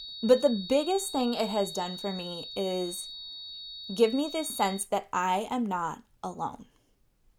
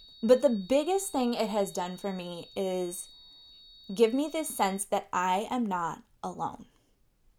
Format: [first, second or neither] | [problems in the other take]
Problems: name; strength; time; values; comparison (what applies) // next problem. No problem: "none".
second | high-pitched whine; loud; until 5 s; 4 kHz, 10 dB below the speech; faint in the second